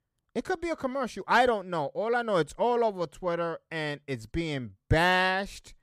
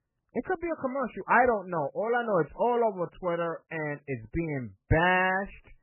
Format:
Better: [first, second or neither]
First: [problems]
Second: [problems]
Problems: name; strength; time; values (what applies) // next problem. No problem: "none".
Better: first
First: none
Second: garbled, watery; badly; nothing above 3 kHz